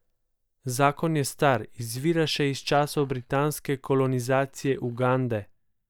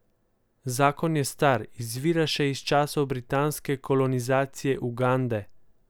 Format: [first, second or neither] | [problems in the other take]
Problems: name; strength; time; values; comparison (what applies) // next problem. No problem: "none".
second | noise reduction (neural mask model DeepFilterNet 3)